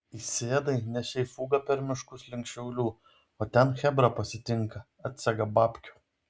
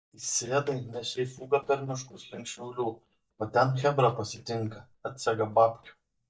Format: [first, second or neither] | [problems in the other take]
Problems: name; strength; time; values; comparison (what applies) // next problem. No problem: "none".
first | noise reduction (neural mask model DeepFilterNet 3)